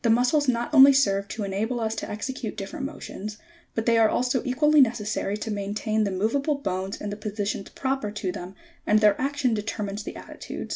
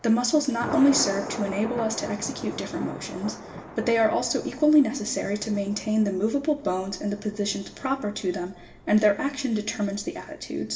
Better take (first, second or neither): first